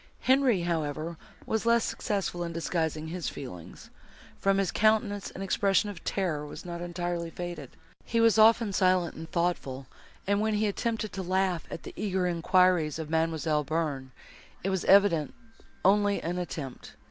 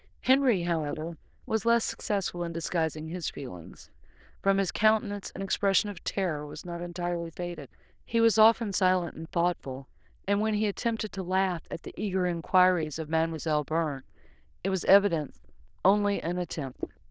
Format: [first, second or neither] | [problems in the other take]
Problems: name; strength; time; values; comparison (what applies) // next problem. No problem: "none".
first | noise reduction (neural diffusion model UNIVERSE++)